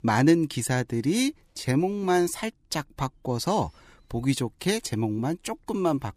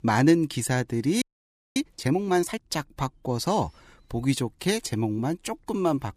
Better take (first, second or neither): first